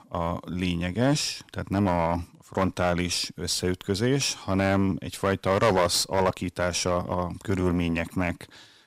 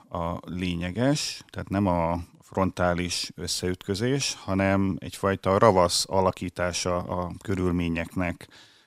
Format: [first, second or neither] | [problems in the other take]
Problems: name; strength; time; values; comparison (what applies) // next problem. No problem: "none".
second | distortion; slight; 5% of the sound clipped